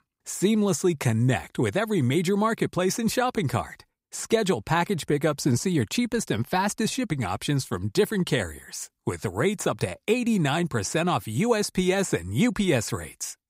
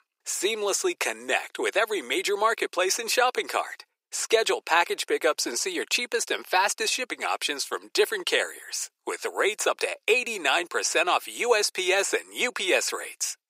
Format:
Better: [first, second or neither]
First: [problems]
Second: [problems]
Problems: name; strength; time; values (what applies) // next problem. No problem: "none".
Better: first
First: none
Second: thin; very; fading below 400 Hz